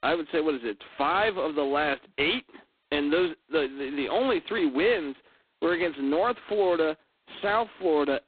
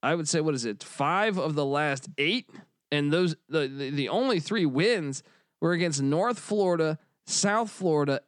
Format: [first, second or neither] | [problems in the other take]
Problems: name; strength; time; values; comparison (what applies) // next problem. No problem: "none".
second | phone-call audio; poor line; nothing above 4 kHz